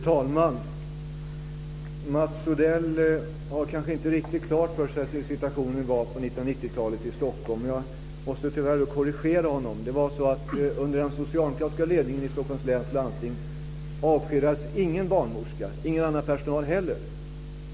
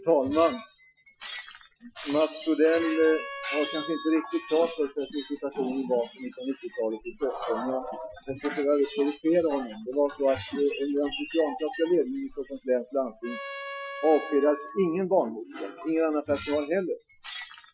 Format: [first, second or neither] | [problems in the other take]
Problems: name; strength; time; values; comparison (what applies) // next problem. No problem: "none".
first | noise reduction (classical method Wiener filter)